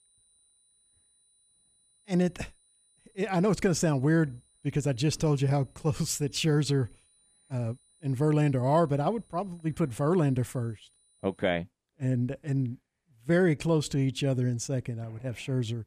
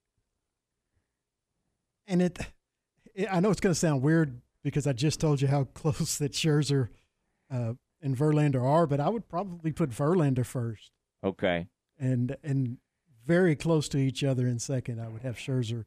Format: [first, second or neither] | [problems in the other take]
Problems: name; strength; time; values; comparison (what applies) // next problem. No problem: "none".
second | high-pitched whine; faint; until 12 s; 9.5 kHz, 35 dB below the speech